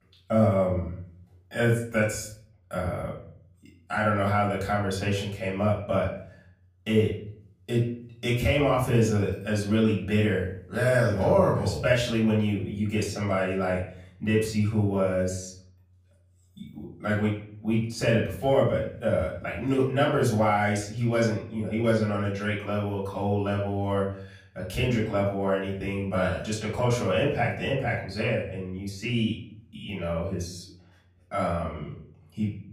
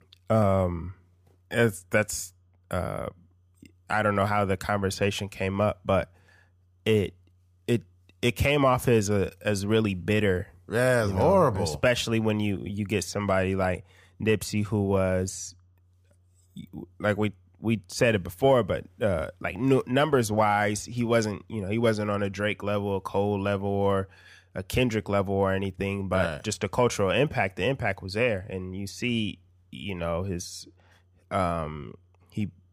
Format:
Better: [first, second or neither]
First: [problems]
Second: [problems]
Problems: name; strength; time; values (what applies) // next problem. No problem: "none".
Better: second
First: off-mic speech; far // room echo; slight; dies away in 0.5 s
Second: none